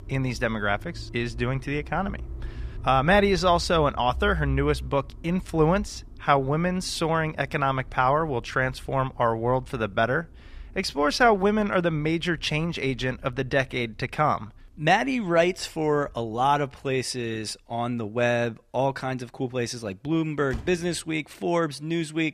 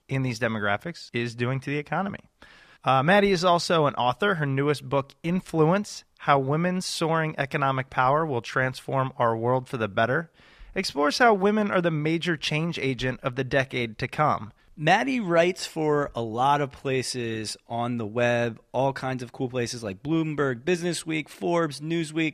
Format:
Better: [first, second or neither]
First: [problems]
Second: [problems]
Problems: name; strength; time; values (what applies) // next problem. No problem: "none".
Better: second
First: traffic noise; noticeable; throughout; 15 dB below the speech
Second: none